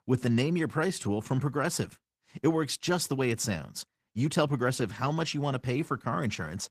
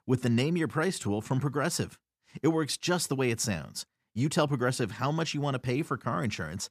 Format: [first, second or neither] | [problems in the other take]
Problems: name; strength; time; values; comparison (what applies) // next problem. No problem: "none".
second | garbled, watery; slightly; nothing above 14.5 kHz